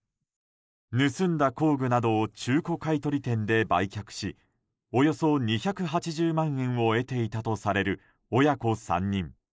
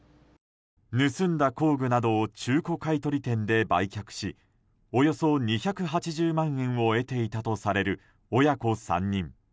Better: second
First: noise reduction (neural mask model Resemble Enhance denoiser)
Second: none

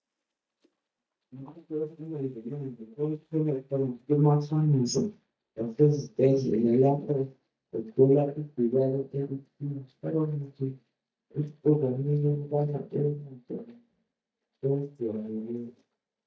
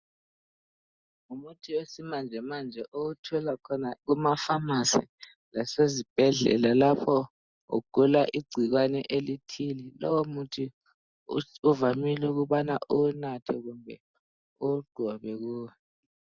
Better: second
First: noise reduction (neural mask model DeepFilterNet 3)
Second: none

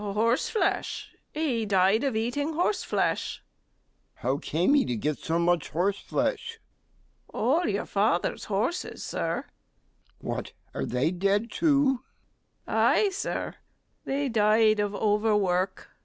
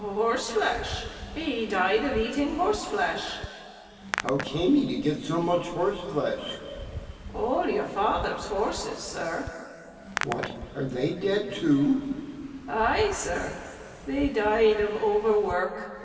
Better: first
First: none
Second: background sound (Hands); 14 dB below the speech // room echo; dies away in 2.5 s

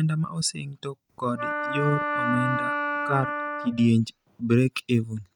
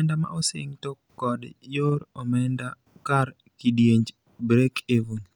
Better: second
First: noise reduction (neural mask model RNNoise)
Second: none

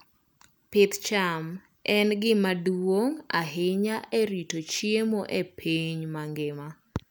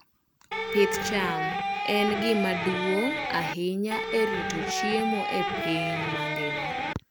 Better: first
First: none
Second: background sound (Electric guitar); as loud as the speech

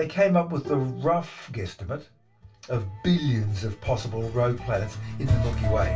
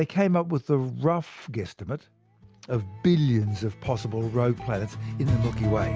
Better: second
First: background sound (Bowed string instrument); 17 dB below the speech // room echo; dies away in 0.2 s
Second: none

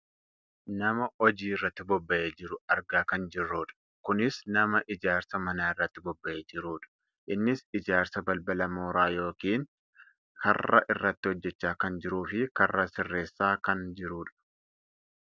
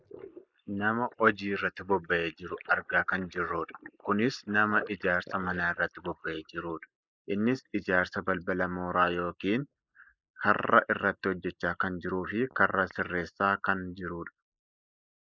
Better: first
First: none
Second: noise reduction (neural mask model Resemble Enhance denoiser)

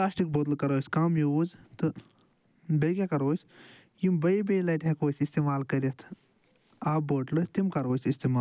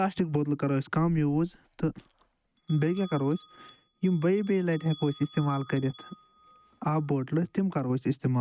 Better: first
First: none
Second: noise reduction (neural mask model RNNoise)

